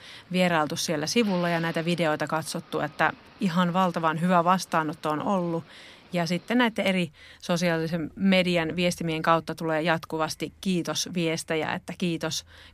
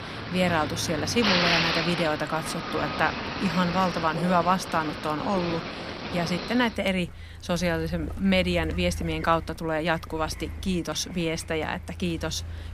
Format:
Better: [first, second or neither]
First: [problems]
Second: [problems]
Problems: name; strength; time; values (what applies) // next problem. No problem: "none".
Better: first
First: traffic noise; faint; throughout; 25 dB below the speech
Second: traffic noise; loud; throughout; 4 dB below the speech